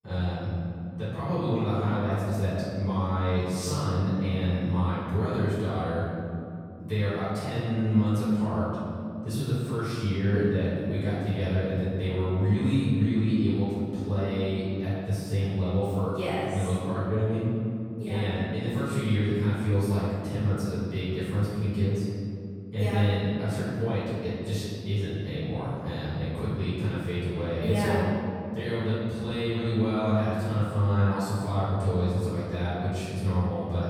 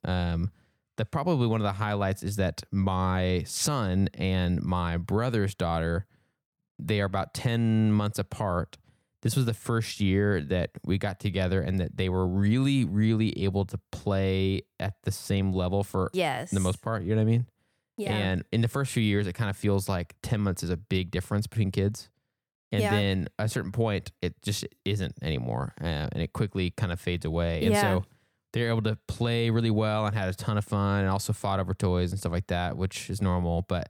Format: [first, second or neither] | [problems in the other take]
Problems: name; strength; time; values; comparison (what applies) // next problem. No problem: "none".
second | room echo; strong; dies away in 2.7 s // off-mic speech; far